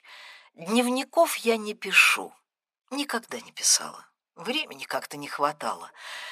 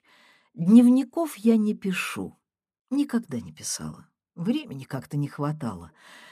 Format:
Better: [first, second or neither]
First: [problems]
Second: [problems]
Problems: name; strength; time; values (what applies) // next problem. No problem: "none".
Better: second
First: thin; very; fading below 800 Hz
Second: none